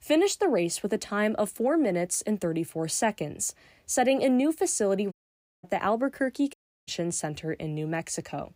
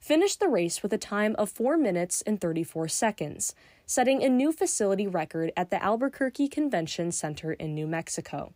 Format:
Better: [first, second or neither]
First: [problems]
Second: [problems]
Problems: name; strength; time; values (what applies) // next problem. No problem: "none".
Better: second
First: audio cutting out; at 5 s for 0.5 s and at 6.5 s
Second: none